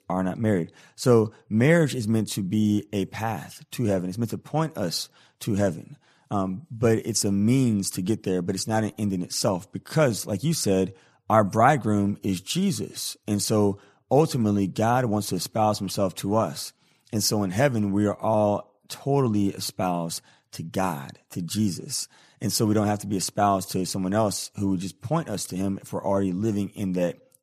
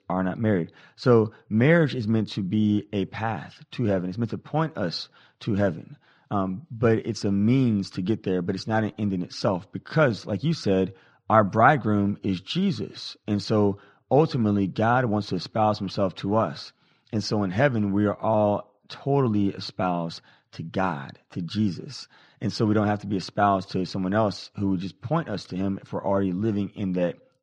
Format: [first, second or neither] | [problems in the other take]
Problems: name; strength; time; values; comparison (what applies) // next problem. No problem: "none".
first | muffled; very slightly; fading above 4 kHz